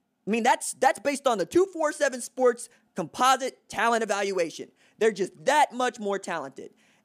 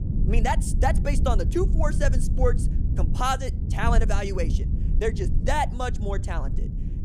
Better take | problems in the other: first | low rumble; noticeable; throughout; 10 dB below the speech

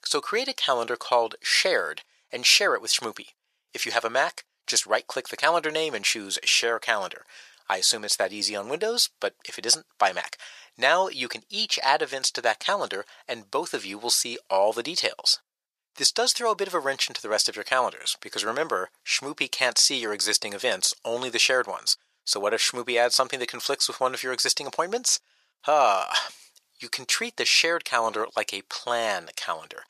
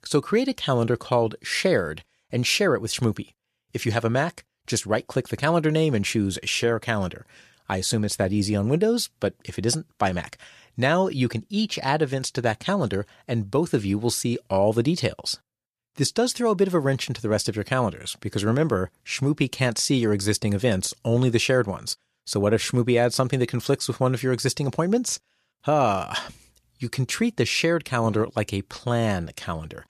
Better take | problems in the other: second | thin; very; fading below 800 Hz

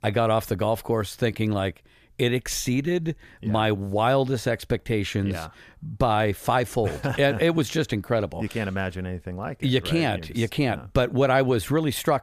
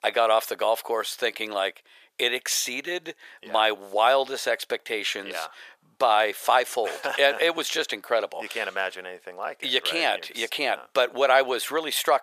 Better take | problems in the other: first | thin; very; fading below 550 Hz

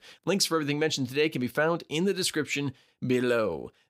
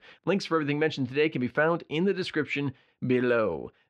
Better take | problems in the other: first | muffled; slightly; fading above 2 kHz

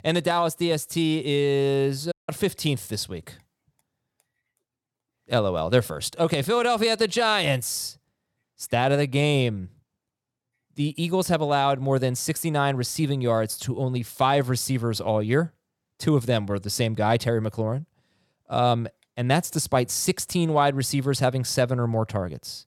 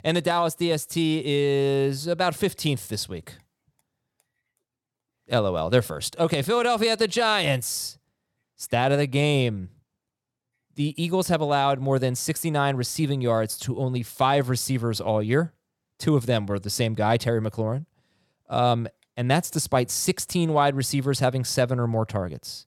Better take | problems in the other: second | audio cutting out; at 2 s

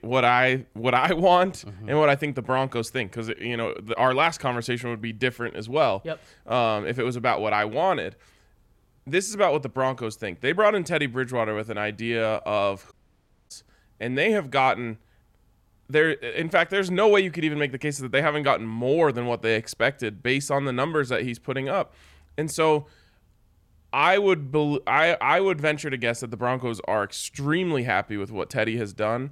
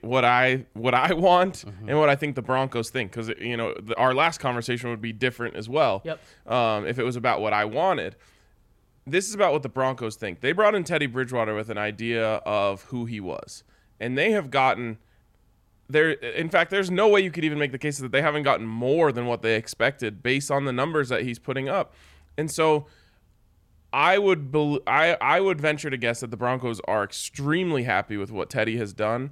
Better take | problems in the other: second | audio cutting out; at 13 s for 0.5 s

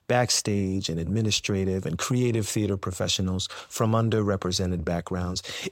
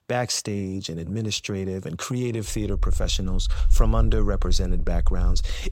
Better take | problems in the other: first | low rumble; noticeable; from 2.5 s on; 20 dB below the speech

